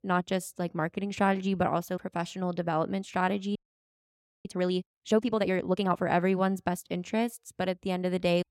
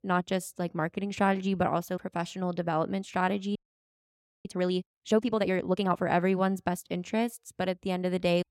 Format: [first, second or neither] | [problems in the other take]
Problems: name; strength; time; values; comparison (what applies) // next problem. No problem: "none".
neither | audio freezing; at 3.5 s for 1 s; the same in both